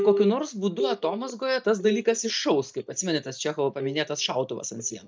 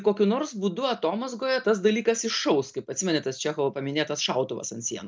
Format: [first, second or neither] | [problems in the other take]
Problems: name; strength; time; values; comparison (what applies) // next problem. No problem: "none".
second | noise reduction (neural mask model DeepFilterNet 3)